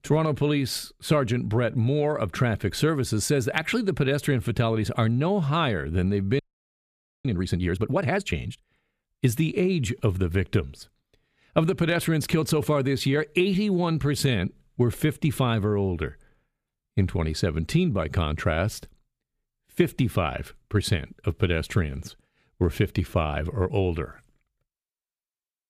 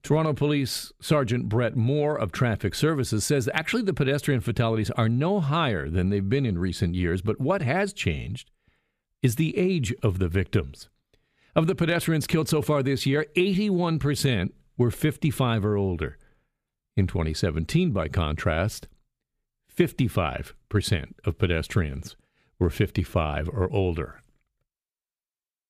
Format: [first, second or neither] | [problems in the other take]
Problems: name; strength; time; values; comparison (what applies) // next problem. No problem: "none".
second | audio freezing; at 6.5 s for 1 s